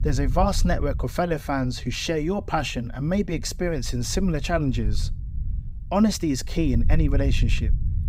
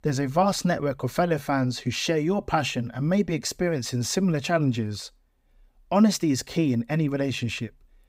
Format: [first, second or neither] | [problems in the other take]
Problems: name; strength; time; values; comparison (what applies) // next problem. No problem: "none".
second | low rumble; faint; throughout; 20 dB below the speech